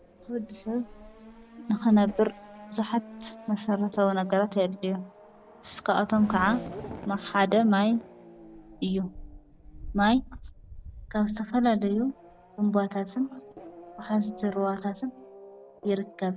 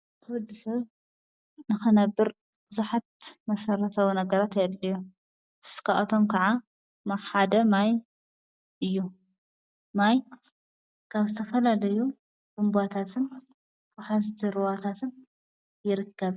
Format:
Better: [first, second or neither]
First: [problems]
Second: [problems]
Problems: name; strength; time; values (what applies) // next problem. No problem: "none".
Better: second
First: background sound (Race car, auto racing / Accelerating, revving, vroom); 16 dB below the speech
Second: none